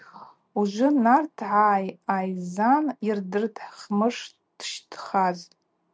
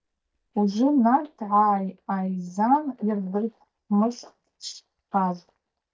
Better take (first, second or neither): first